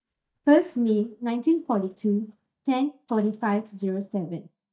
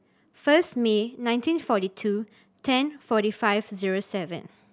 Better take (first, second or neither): second